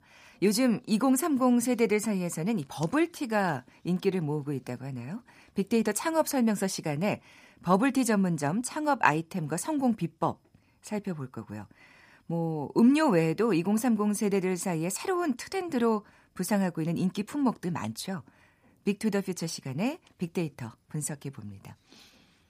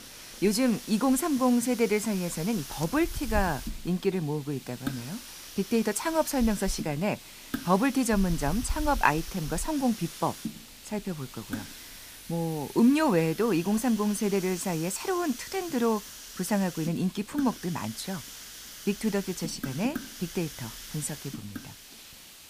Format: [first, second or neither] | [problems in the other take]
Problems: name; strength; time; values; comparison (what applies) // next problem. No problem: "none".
first | hiss; noticeable; throughout; 10 dB below the speech